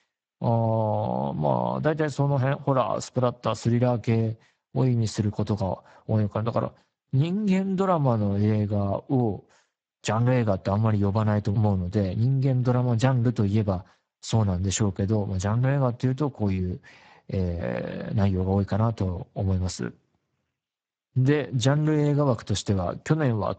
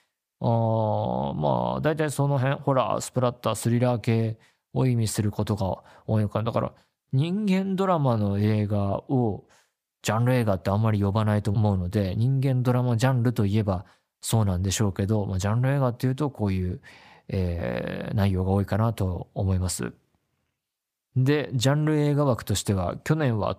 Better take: second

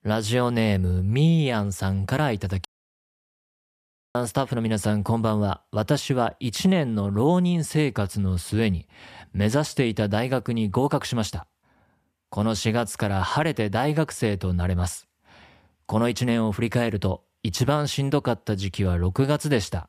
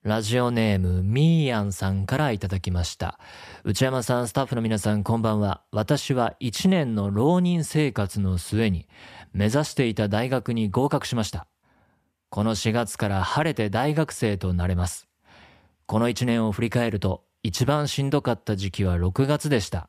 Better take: second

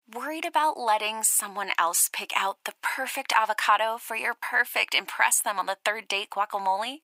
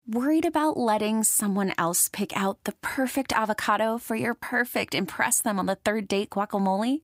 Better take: second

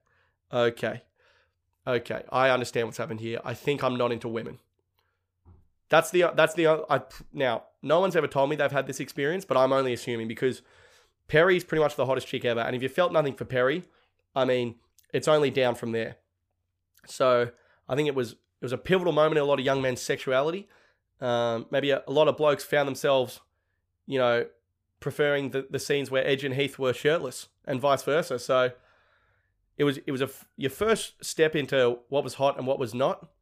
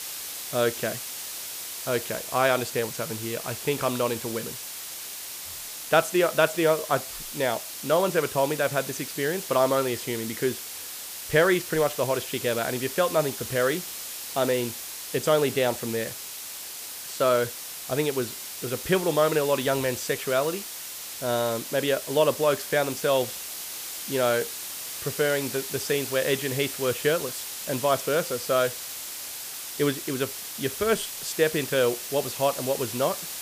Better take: first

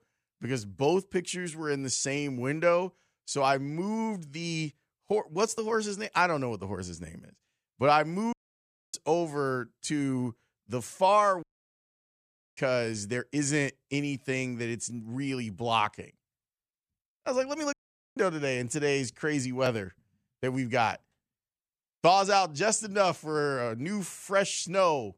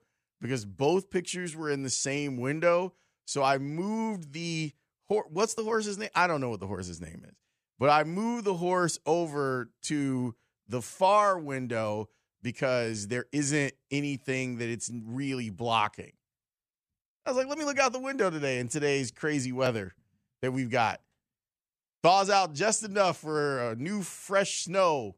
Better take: second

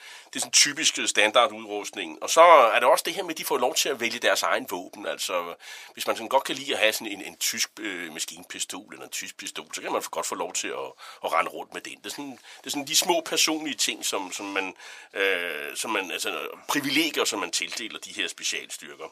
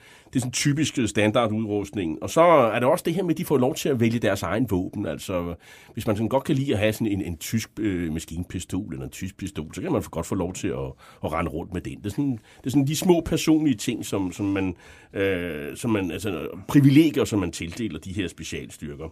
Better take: second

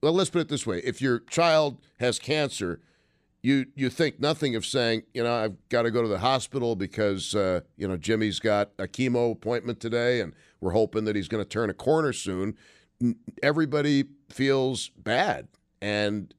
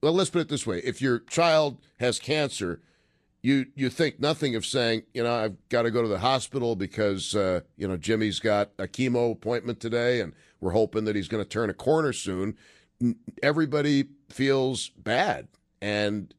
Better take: first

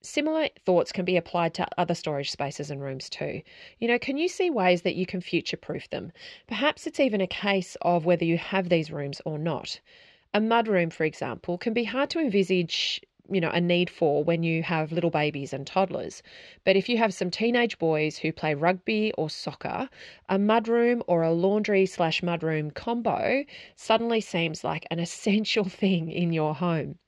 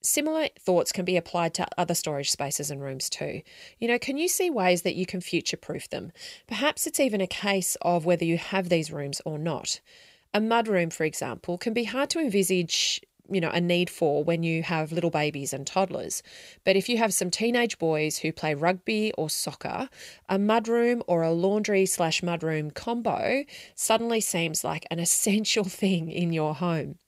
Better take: second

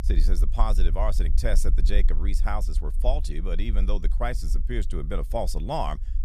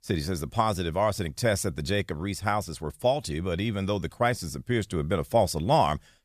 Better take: second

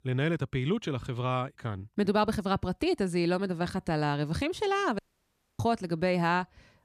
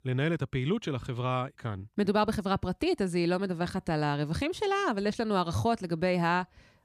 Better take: second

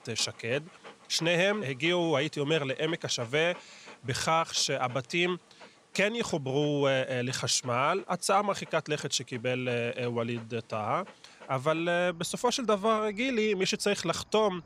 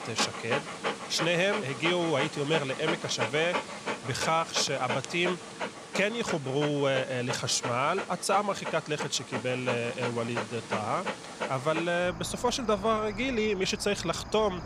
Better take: first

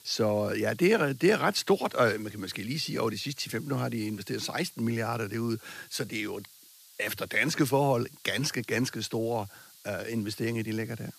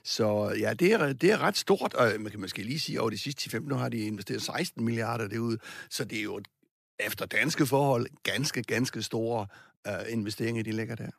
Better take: second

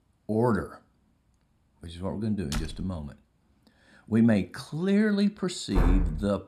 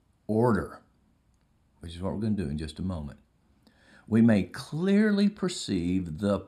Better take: second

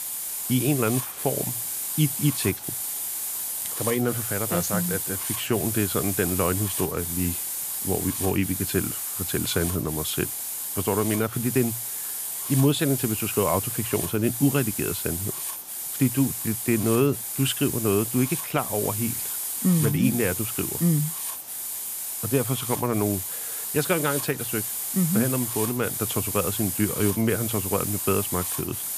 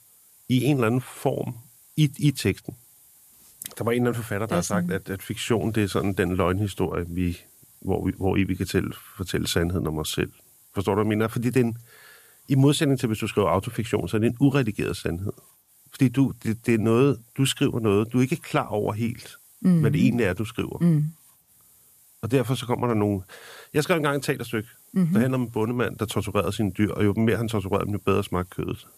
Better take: second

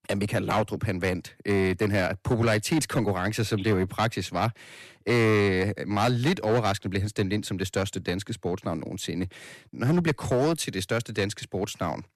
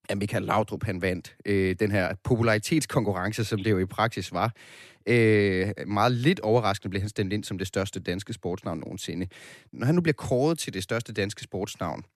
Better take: second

